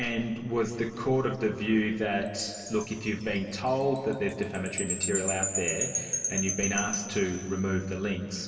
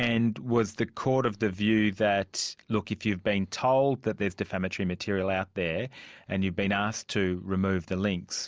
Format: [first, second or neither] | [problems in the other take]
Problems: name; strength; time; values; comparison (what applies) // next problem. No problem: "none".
second | background sound (Wind chime); 7 dB below the speech // room echo; dies away in 2.3 s